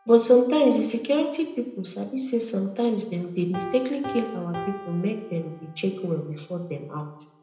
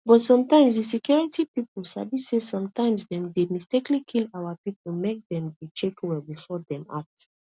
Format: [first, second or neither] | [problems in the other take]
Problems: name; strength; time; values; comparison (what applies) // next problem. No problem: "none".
second | background sound (Piano); 17 dB below the speech // room echo; dies away in 0.7 s